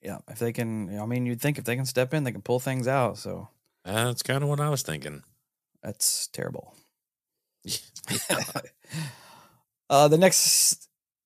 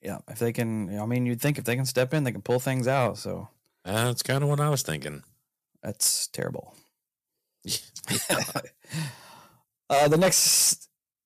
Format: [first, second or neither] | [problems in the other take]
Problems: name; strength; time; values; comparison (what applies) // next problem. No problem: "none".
first | distortion; slight; 2% of the sound clipped